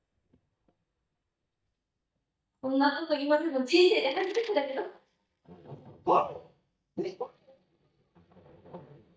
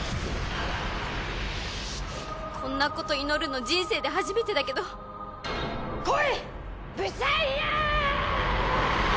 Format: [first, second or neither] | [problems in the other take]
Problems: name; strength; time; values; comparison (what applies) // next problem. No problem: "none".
second | noise reduction (neural mask model DeepFilterNet 3)